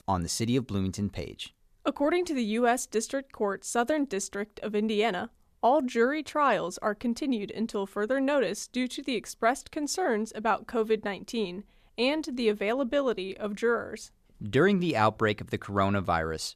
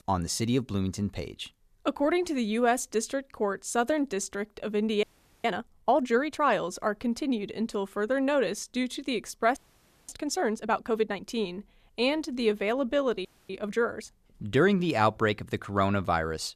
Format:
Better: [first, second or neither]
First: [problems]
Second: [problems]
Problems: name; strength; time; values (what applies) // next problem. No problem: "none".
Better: first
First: none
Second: audio freezing; at 5 s, at 9.5 s for 0.5 s and at 13 s